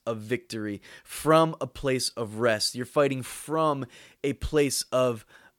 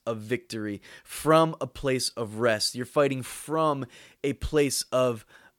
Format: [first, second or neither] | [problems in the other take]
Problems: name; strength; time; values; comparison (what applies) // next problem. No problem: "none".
neither | none